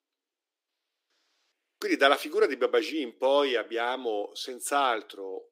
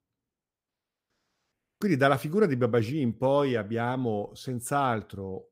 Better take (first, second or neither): second